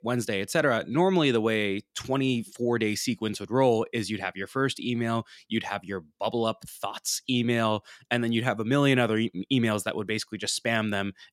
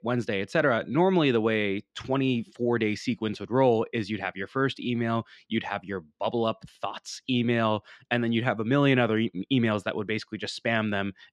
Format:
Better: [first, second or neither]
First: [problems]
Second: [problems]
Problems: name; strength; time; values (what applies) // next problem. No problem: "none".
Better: first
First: none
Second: muffled; slightly; fading above 3.5 kHz